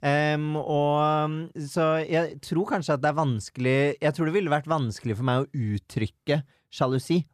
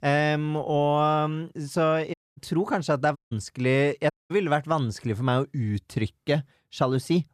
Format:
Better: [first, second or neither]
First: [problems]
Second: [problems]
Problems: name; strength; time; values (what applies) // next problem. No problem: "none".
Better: first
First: none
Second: audio cutting out; at 2 s, at 3 s and at 4 s